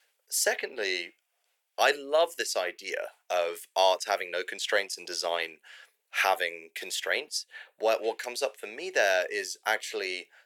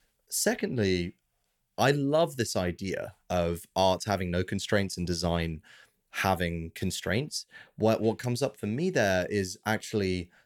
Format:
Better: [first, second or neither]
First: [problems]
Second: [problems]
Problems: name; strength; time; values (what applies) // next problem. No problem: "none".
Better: second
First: thin; very; fading below 450 Hz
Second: none